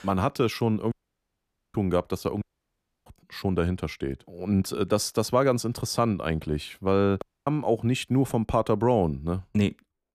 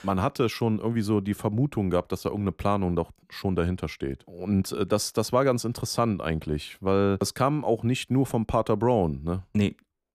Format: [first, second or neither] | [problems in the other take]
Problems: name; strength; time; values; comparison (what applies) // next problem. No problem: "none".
second | audio cutting out; at 1 s for 1 s, at 2.5 s for 0.5 s and at 7 s